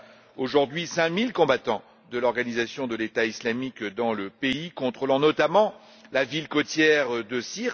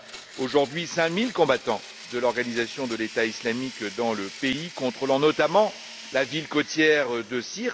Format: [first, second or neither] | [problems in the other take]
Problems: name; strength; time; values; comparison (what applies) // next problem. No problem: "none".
first | background sound (Domestic sounds, home sounds); 16 dB below the speech